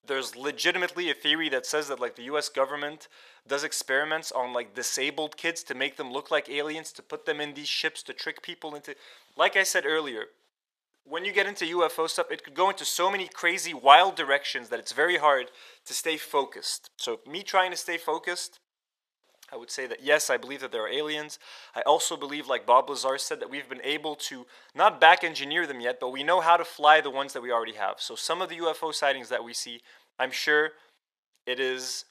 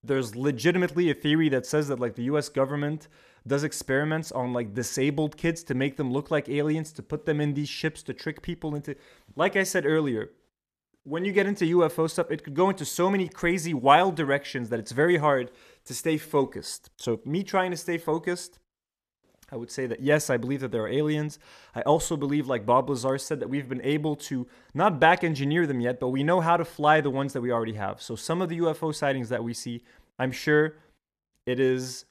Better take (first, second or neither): second